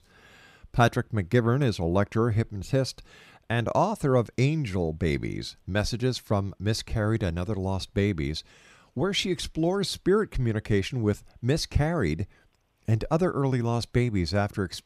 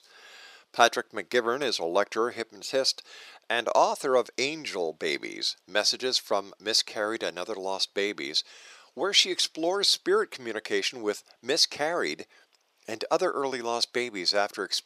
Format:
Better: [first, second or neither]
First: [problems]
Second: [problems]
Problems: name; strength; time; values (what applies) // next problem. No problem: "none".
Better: first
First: none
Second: thin; very; fading below 400 Hz